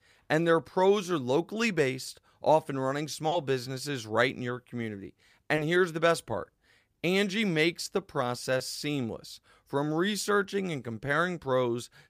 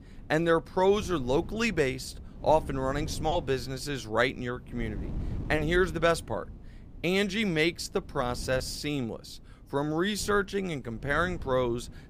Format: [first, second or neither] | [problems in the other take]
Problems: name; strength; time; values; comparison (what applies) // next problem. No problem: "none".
first | wind noise on the microphone; occasional gusts; 25 dB below the speech